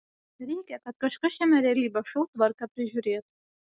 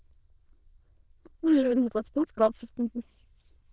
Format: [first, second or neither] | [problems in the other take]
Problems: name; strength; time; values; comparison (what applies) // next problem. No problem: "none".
first | noise reduction (neural diffusion model UNIVERSE++)